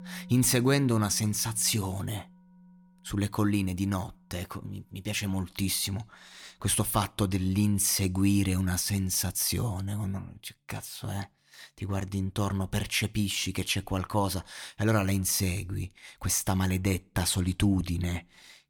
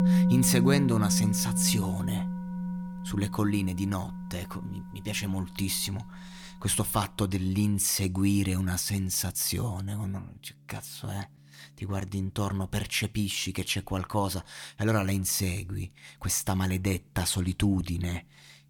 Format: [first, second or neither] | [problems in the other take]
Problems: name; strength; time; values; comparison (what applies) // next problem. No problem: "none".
first | background music; loud; throughout; 2 dB below the speech; faint in the first